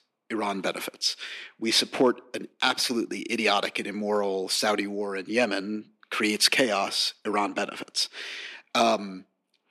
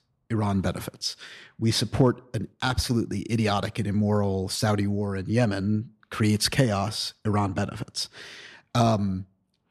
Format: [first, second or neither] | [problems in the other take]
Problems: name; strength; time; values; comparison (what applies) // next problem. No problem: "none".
second | thin; somewhat; fading below 250 Hz